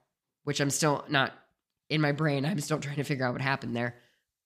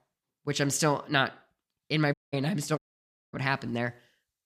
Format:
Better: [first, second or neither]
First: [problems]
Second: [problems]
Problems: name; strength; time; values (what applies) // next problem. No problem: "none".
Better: first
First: none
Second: audio cutting out; at 2 s and at 3 s for 0.5 s